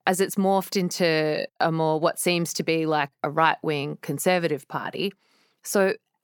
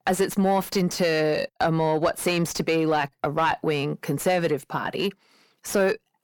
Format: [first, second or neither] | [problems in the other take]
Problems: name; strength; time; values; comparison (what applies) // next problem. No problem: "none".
first | distortion; slight; 10 dB below the speech